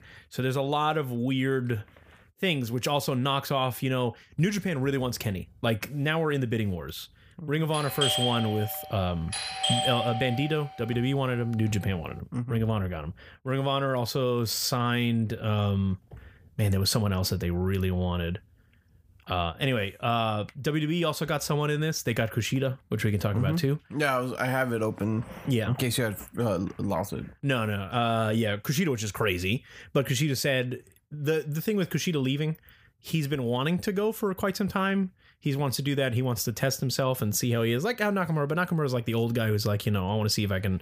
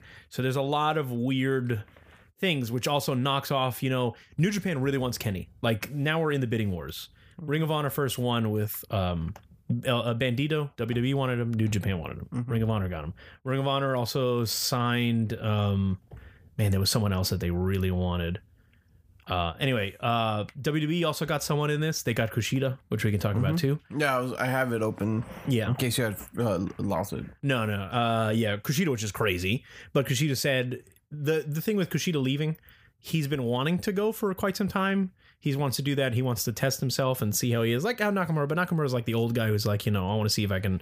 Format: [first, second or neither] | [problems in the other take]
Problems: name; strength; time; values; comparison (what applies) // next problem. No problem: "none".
second | doorbell; loud; from 7.5 to 10 s; peak 3 dB above the speech